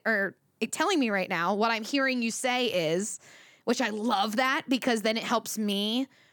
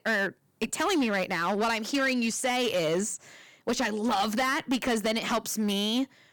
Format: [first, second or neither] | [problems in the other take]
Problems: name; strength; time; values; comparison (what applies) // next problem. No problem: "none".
first | distortion; slight; 11% of the sound clipped